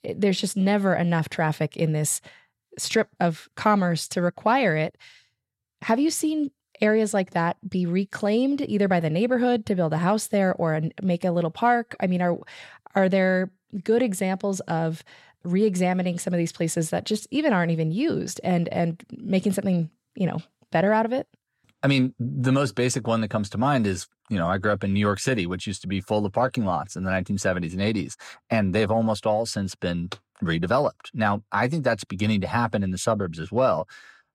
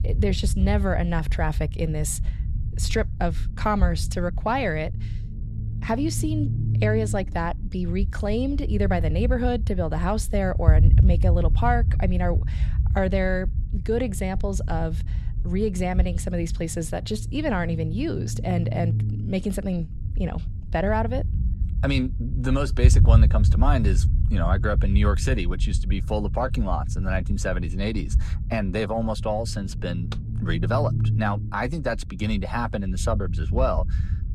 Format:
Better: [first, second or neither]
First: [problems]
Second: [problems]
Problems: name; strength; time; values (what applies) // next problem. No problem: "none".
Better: first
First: none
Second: low rumble; noticeable; throughout; 15 dB below the speech